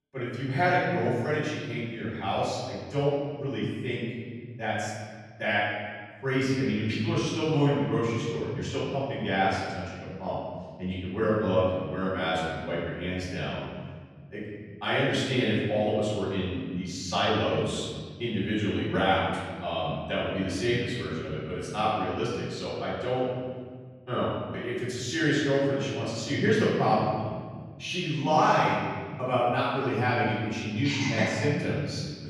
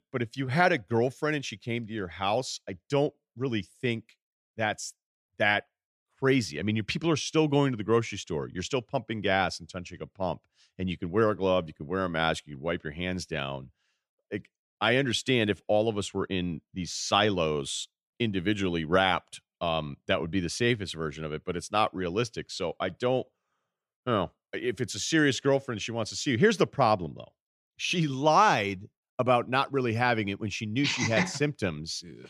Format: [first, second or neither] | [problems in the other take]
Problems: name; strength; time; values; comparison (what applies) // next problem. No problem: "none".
second | off-mic speech; far // room echo; strong; dies away in 2 s